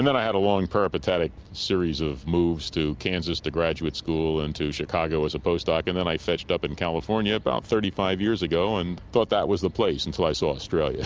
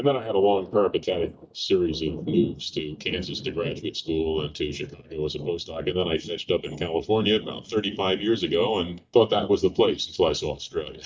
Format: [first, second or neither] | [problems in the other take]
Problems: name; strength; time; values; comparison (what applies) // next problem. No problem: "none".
first | noise reduction (neural mask model DeepFilterNet 3)